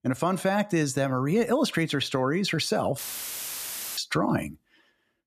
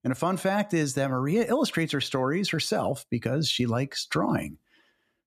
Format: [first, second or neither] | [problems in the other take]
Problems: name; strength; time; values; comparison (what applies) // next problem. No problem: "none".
second | audio cutting out; filled with static; at 3 s for 1 s